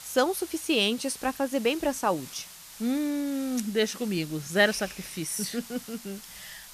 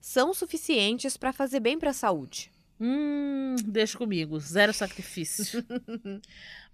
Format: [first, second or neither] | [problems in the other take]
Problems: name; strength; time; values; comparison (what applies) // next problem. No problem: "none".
second | hiss; noticeable; throughout; 15 dB below the speech